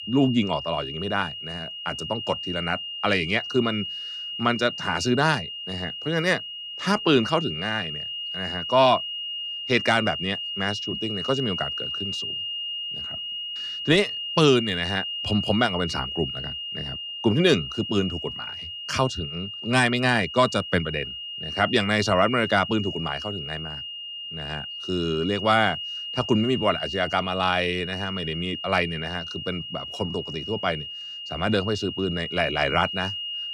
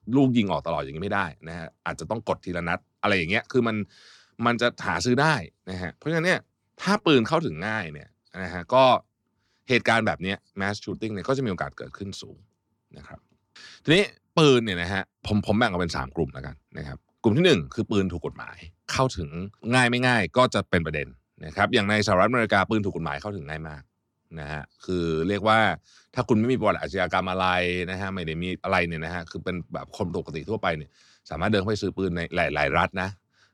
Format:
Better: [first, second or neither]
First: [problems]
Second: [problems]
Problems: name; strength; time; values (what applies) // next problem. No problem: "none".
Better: second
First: high-pitched whine; loud; throughout; 3 kHz, 6 dB below the speech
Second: none